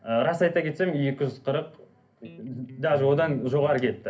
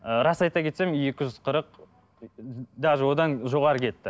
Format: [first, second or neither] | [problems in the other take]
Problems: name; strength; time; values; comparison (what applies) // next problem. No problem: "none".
second | background sound (Electric guitar); 18 dB below the speech // room echo; dies away in 0.3 s